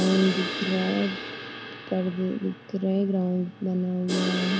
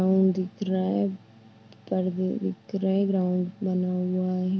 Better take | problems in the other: second | background sound (Crash cymbal); 8 dB below the speech

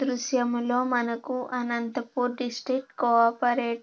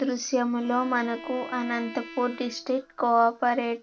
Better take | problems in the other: first | background sound (Bowed string instrument); 17 dB below the speech

